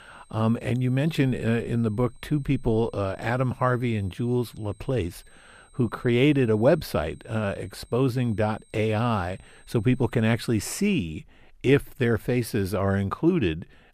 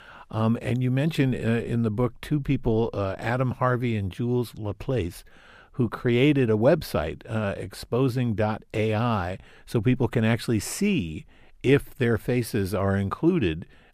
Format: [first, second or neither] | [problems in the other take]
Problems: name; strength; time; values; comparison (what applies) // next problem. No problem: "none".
second | high-pitched whine; faint; until 11 s; 8.5 kHz, 35 dB below the speech